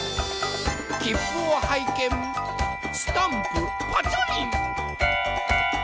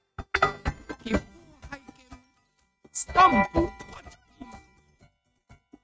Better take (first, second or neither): first